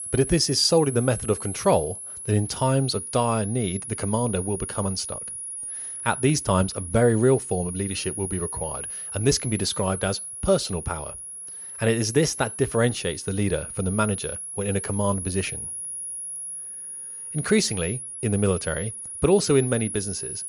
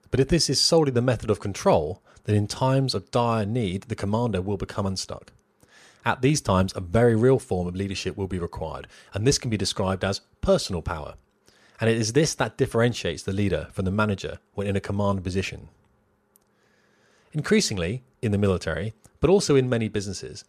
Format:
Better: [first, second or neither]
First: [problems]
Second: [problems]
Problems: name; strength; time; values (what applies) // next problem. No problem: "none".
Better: second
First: high-pitched whine; loud; throughout; 10.5 kHz, 7 dB below the speech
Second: none